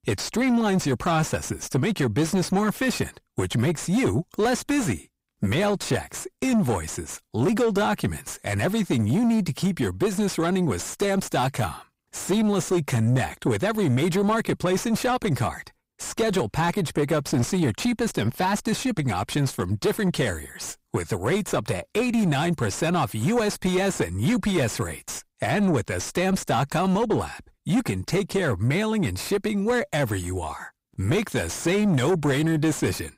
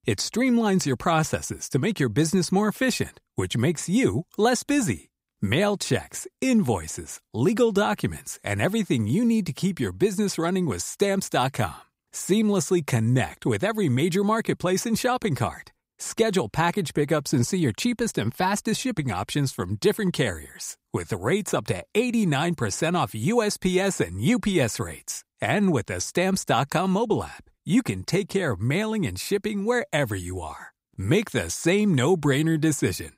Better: second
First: distortion; slight; 9 dB below the speech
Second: none

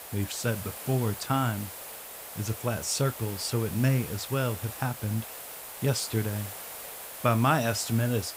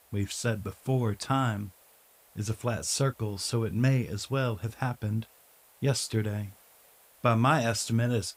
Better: second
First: hiss; loud; throughout; 10 dB below the speech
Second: hiss; faint; throughout; 25 dB below the speech

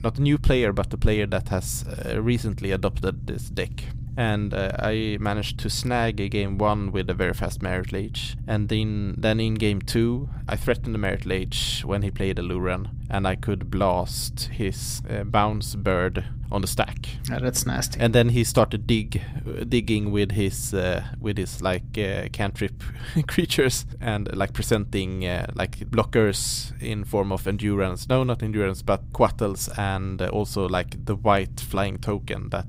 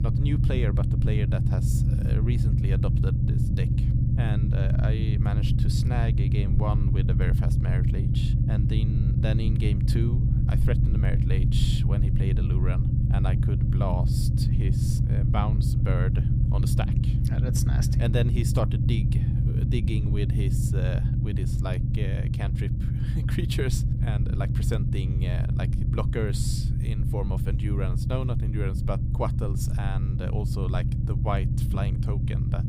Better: first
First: low rumble; faint; throughout; 20 dB below the speech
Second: low rumble; loud; throughout; as loud as the speech

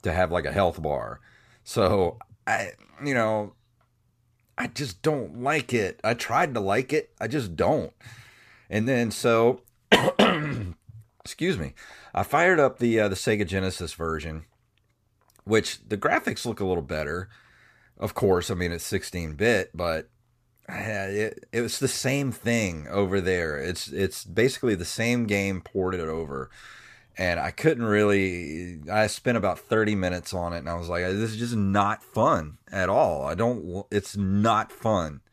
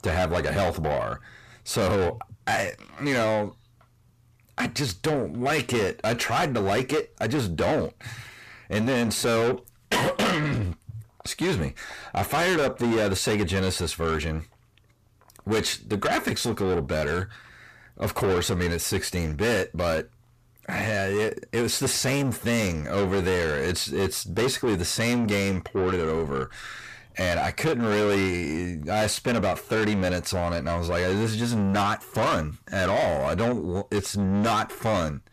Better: first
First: none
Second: distortion; heavy; 6 dB below the speech

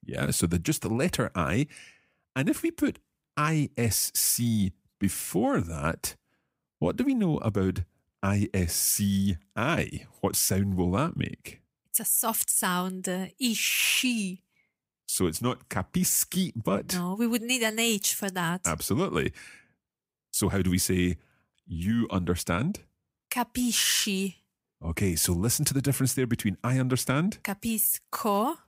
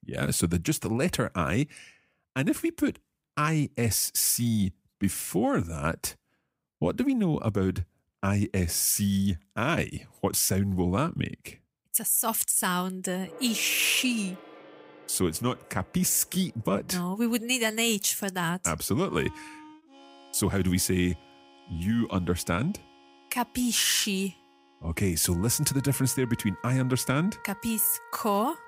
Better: first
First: none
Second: background music; faint; from 13 s on; 20 dB below the speech

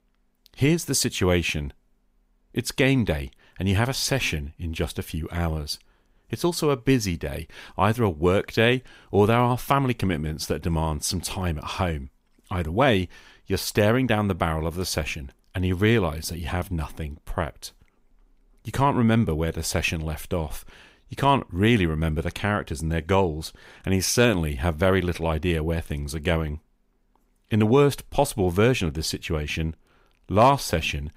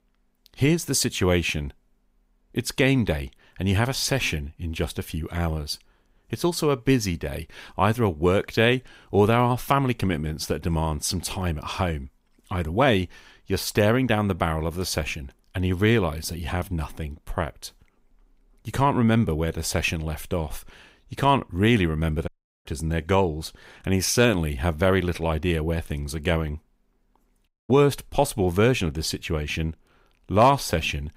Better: first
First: none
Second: audio cutting out; at 22 s and at 27 s

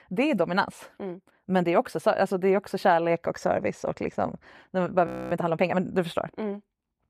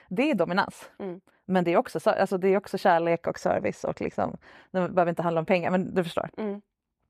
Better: second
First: audio freezing; at 5 s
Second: none

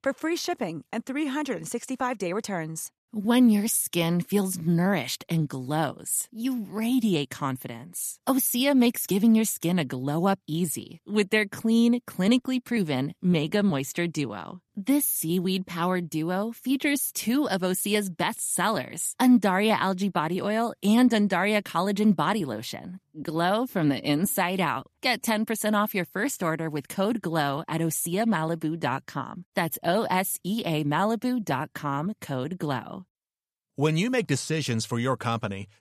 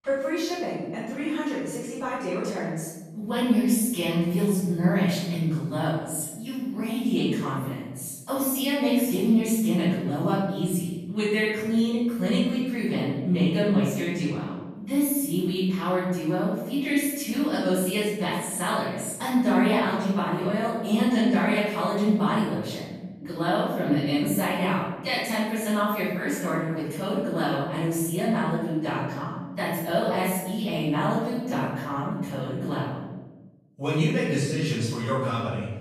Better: first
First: none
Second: room echo; strong; dies away in 1.1 s // off-mic speech; far

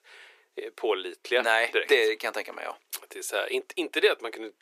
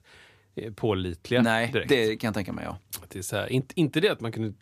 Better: second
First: thin; very; fading below 400 Hz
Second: none

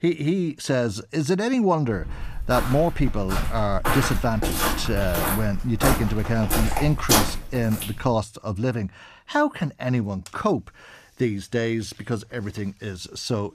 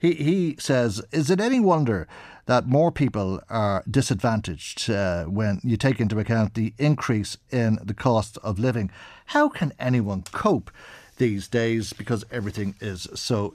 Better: second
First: footsteps; loud; from 2 to 8 s; peak 6 dB above the speech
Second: none

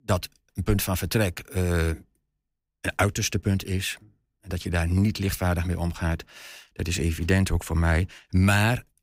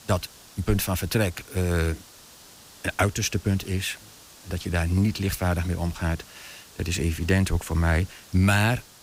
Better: first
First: none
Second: hiss; faint; throughout; 20 dB below the speech

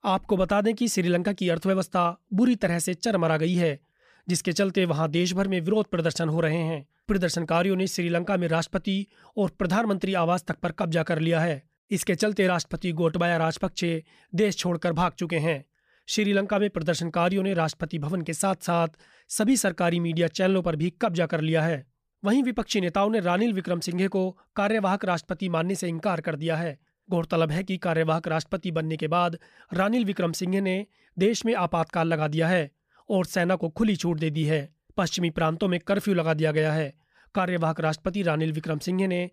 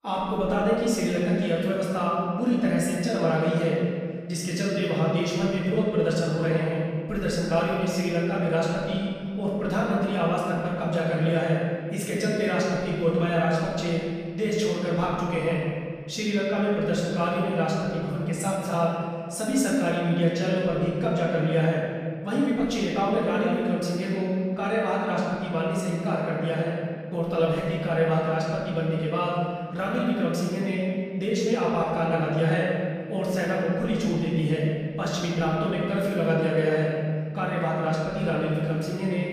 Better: first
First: none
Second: room echo; strong; dies away in 1.9 s // off-mic speech; far

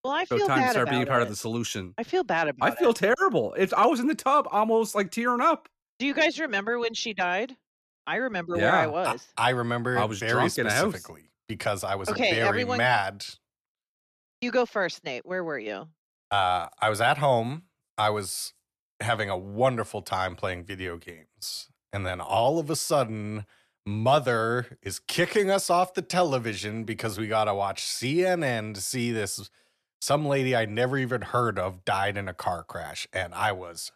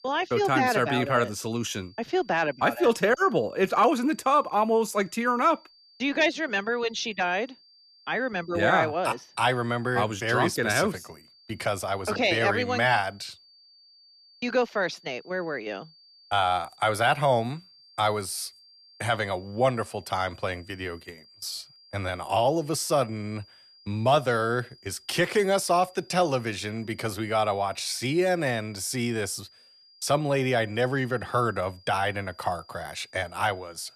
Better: first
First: none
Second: high-pitched whine; faint; throughout; 5 kHz, 25 dB below the speech

